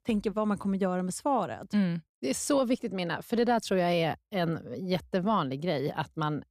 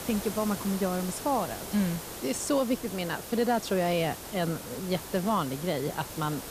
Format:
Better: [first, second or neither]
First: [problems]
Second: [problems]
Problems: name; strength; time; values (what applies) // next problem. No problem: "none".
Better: first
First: none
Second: hiss; loud; throughout; 9 dB below the speech